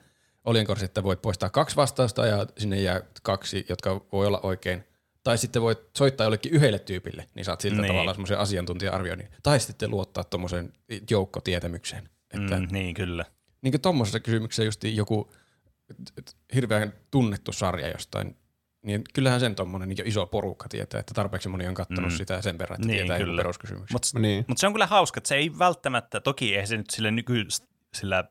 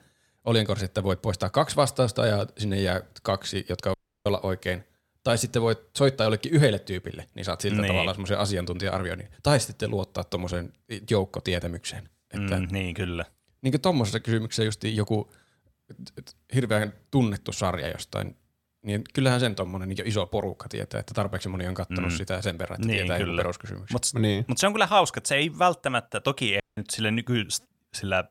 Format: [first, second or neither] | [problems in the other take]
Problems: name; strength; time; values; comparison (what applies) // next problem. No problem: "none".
first | audio cutting out; at 4 s and at 27 s